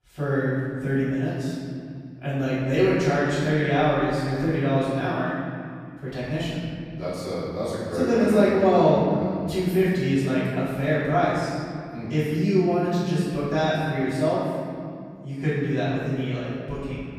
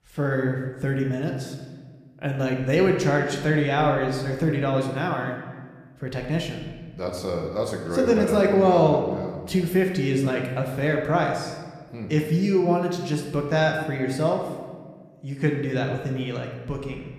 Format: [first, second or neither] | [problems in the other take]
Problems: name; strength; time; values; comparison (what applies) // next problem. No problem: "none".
second | room echo; strong; dies away in 2.4 s; slight in the second // off-mic speech; far